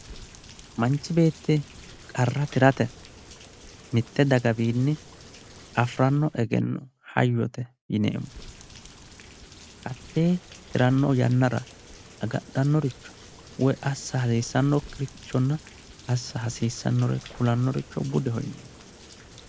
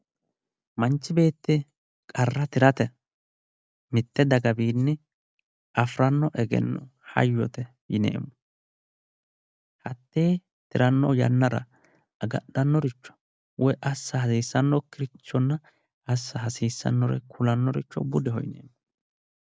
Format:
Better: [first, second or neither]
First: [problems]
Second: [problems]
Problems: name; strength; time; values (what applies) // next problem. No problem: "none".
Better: second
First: background sound (Rain); 20 dB below the speech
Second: none